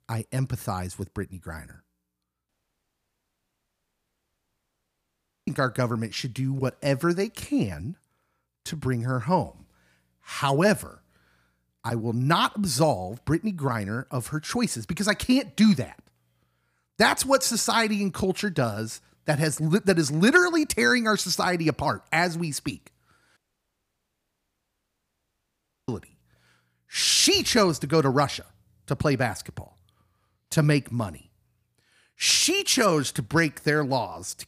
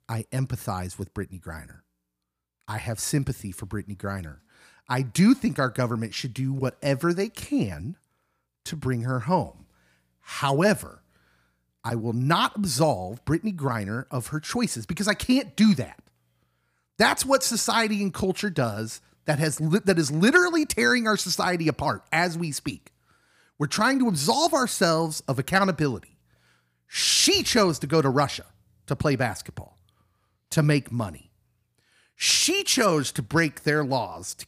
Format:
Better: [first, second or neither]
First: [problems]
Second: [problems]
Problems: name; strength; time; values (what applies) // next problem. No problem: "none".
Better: second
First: audio cutting out; at 2.5 s for 3 s and at 23 s for 2.5 s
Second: none